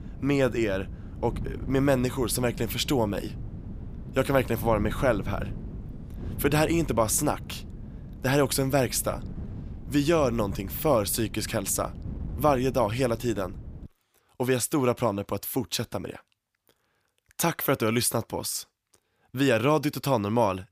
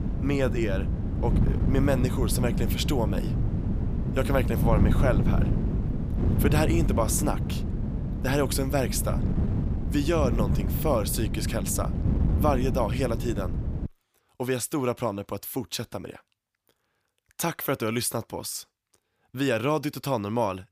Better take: first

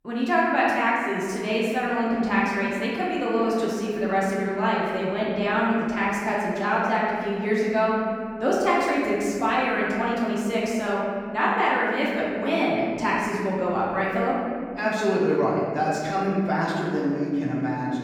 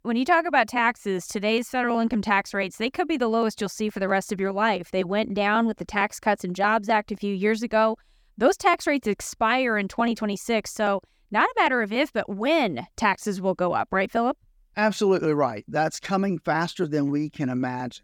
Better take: second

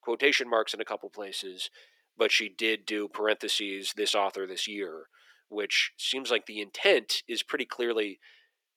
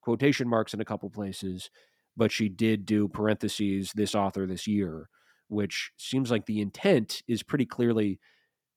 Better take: second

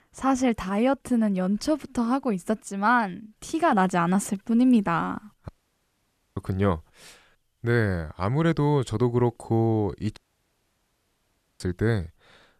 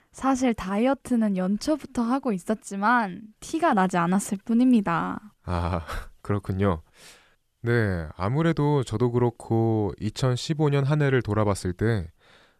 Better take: second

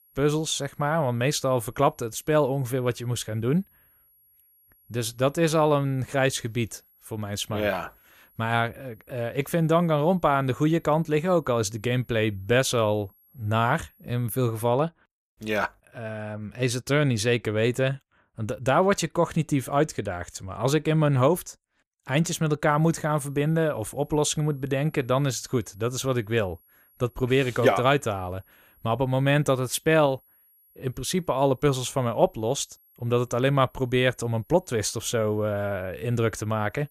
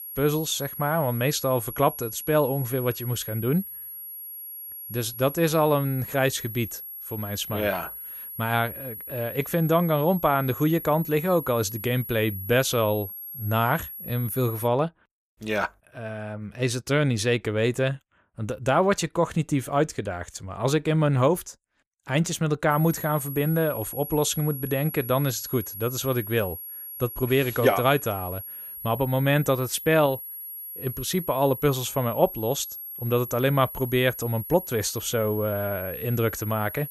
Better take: first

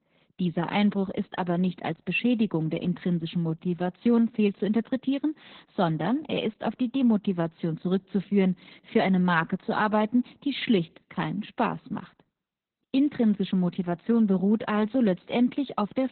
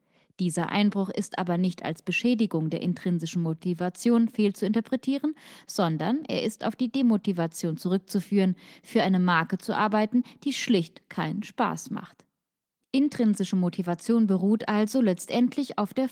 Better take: second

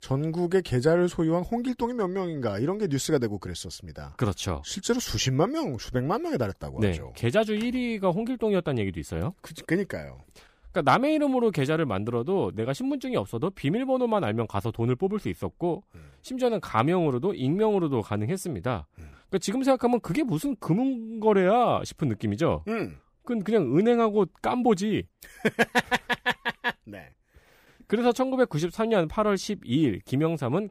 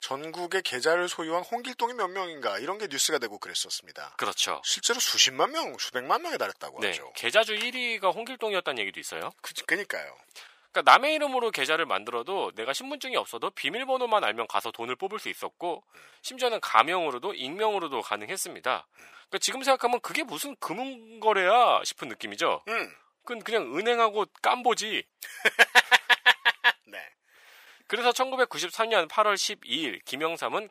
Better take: first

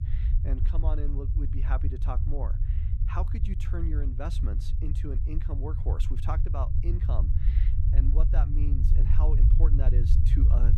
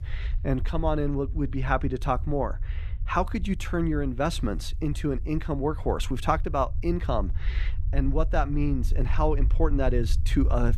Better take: second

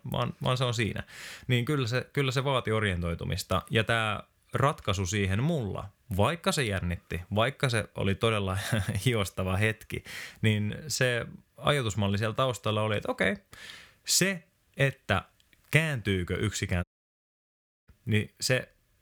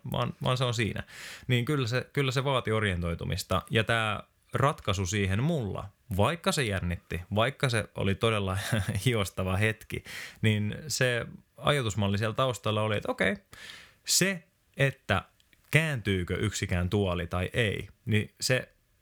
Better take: second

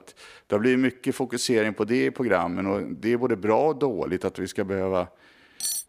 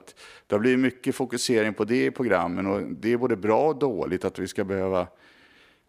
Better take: second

